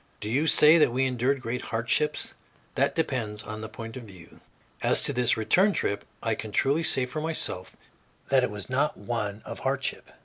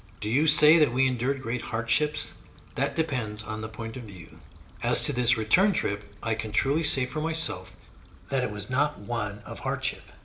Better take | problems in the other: first | background sound (Stream / Trickle, dribble / Traffic noise, roadway noise); 18 dB below the speech // room echo; dies away in 0.5 s

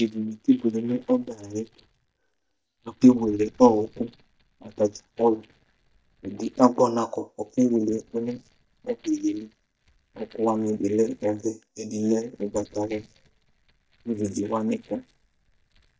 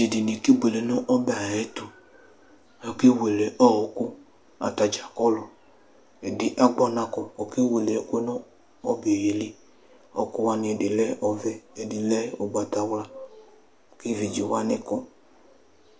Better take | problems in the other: second | noise reduction (neural mask model DeepFilterNet 3)

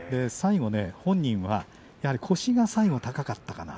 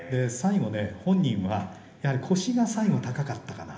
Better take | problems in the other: first | room echo; dies away in 0.8 s

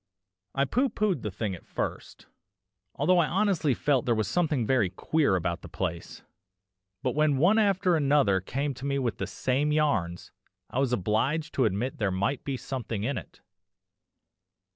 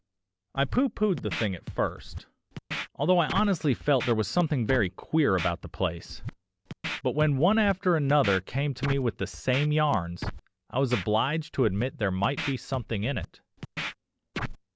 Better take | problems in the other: first | background sound (Scratching (performance technique)); 11 dB below the speech

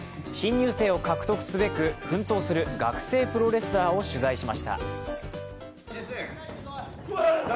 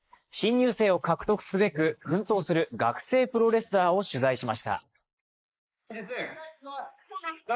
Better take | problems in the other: first | noise reduction (neural mask model Resemble Enhance denoiser)

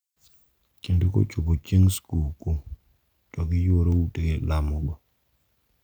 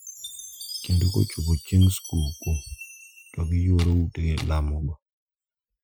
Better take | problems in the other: first | noise reduction (classical method Wiener filter)

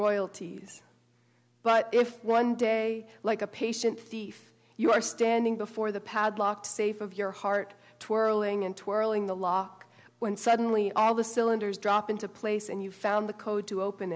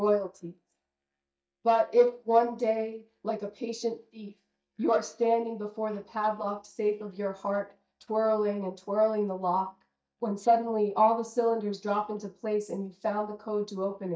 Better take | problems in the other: first | noise reduction (neural mask model DeepFilterNet 3)

